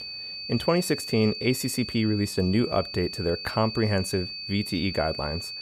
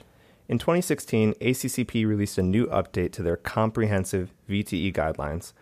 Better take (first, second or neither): second